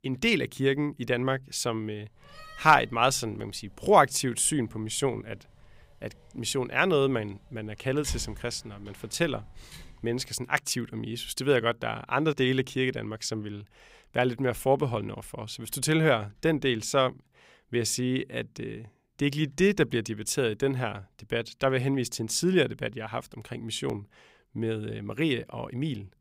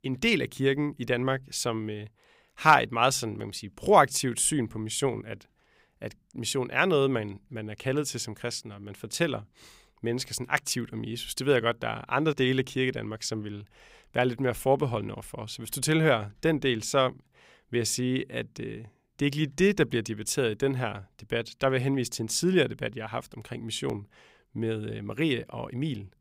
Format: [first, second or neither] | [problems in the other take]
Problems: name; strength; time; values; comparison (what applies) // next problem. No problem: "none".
second | door banging; faint; from 2.5 to 10 s; peak 10 dB below the speech